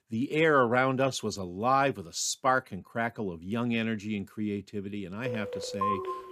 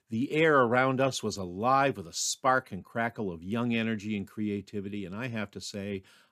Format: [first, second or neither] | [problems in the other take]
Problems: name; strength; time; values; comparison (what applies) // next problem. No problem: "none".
second | phone ringing; noticeable; from 5.5 s on; peak 1 dB below the speech